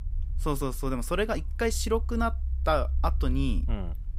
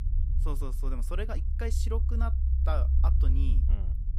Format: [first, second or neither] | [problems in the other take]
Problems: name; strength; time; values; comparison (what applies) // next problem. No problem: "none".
first | low rumble; loud; throughout; 7 dB below the speech; faint in the first